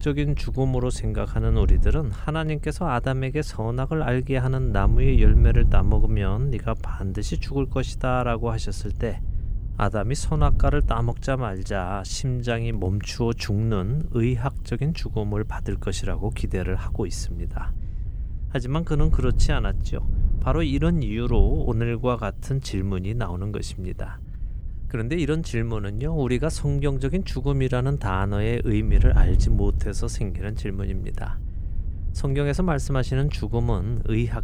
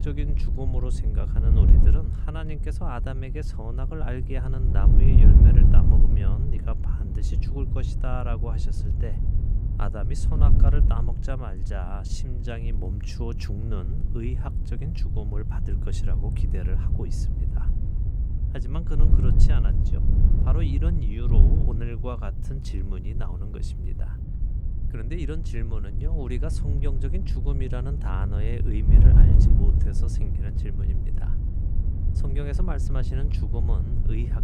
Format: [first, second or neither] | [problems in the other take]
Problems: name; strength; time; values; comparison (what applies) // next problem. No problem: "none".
first | wind noise on the microphone; heavy; 1 dB below the speech; occasional gusts in the first